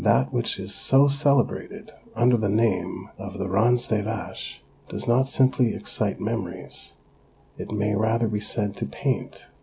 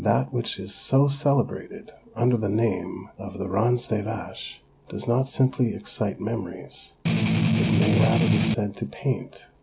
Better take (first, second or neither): first